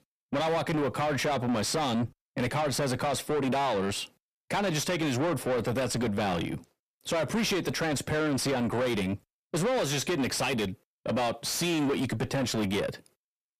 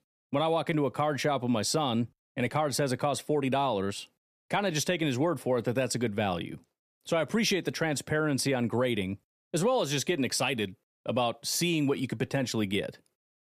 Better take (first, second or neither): second